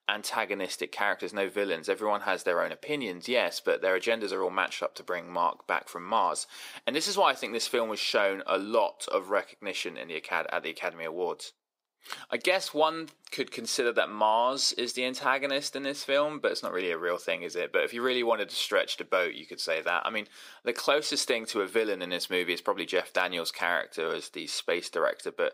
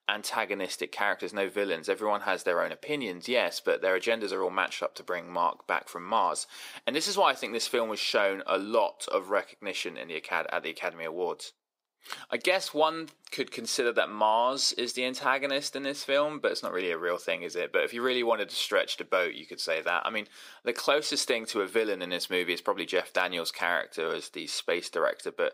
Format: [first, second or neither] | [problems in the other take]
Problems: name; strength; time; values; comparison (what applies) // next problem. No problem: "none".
neither | thin; somewhat; fading below 500 Hz; the same in both